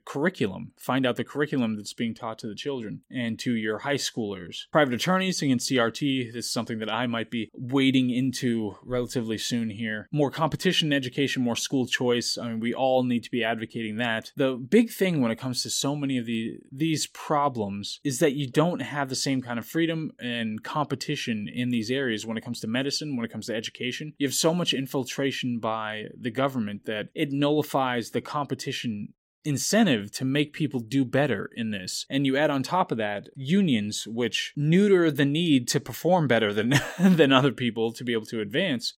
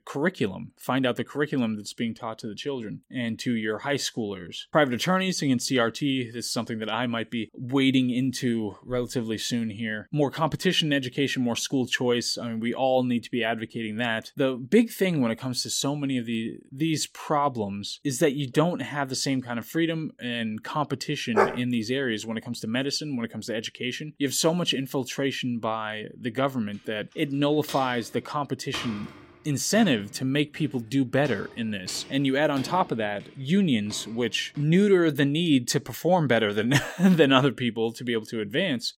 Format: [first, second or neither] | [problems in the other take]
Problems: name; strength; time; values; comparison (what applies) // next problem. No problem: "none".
first | dog barking; loud; at 21 s; peak 2 dB above the speech // footsteps; faint; from 28 to 35 s; peak 10 dB below the speech